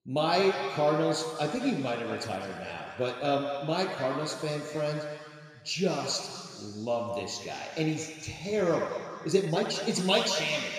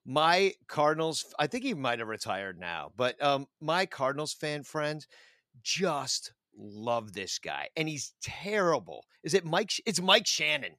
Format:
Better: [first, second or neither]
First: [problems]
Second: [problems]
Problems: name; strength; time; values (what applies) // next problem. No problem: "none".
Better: second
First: room echo; noticeable; dies away in 2.2 s // off-mic speech; somewhat distant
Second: none